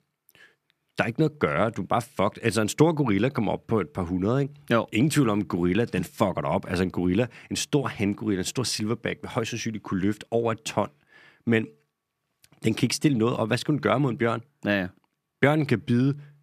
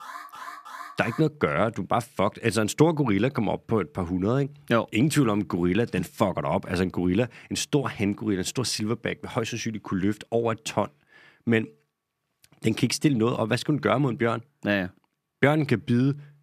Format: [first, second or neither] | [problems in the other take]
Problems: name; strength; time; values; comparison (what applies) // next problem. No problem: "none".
first | alarm; faint; until 1 s; peak 15 dB below the speech